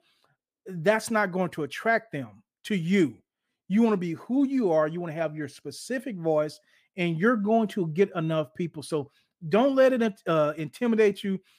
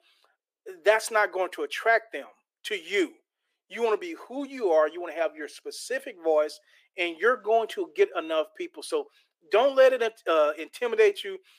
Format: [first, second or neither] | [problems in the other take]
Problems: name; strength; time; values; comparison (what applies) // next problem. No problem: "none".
first | thin; very; fading below 350 Hz